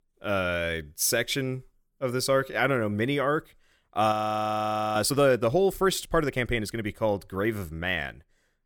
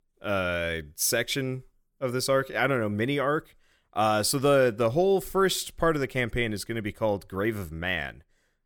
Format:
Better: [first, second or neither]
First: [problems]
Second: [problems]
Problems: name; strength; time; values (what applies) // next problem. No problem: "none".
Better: second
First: audio freezing; at 4 s for 1 s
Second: none